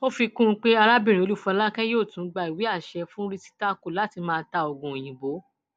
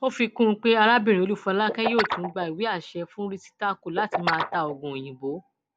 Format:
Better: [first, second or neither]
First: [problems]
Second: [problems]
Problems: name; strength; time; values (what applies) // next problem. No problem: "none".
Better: first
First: none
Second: background sound (Guitar); 8 dB below the speech